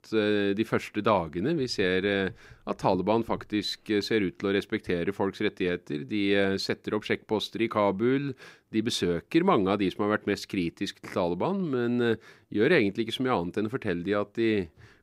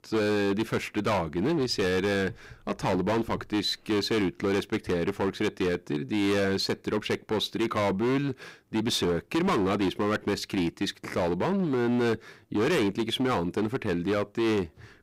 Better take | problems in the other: first | distortion; heavy; 18% of the sound clipped

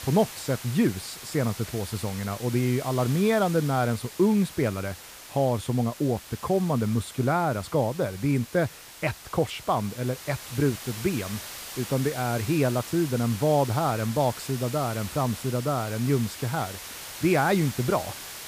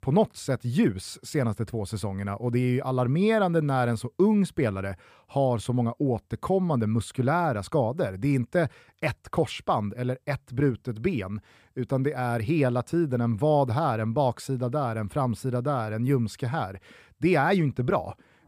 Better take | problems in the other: second | hiss; noticeable; throughout; 10 dB below the speech

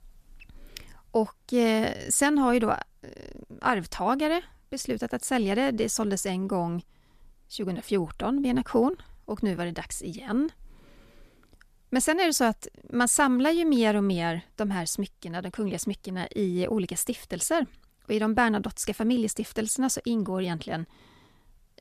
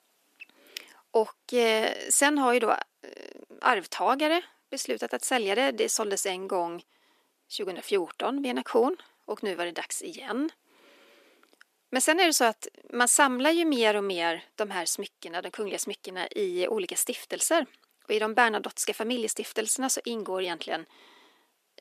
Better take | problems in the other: first | thin; somewhat; fading below 300 Hz

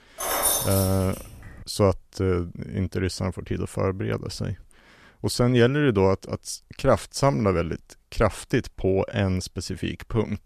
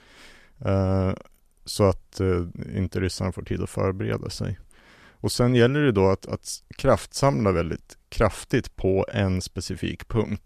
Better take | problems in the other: second | jangling keys; loud; until 1.5 s; peak 4 dB above the speech

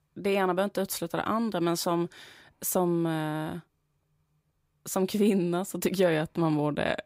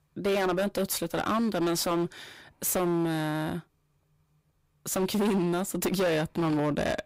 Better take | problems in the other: first | distortion; heavy; 16% of the sound clipped

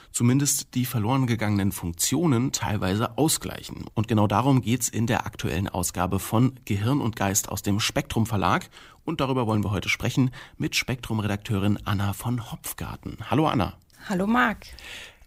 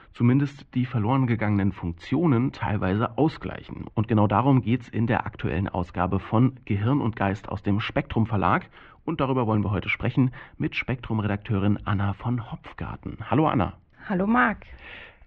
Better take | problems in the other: first | muffled; very; fading above 2.5 kHz

